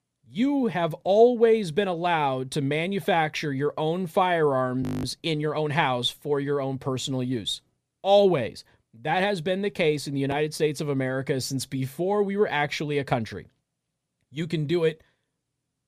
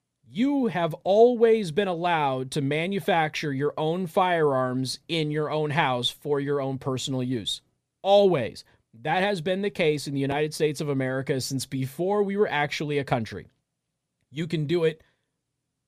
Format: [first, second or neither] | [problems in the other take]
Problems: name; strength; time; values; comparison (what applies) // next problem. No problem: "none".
second | audio freezing; at 5 s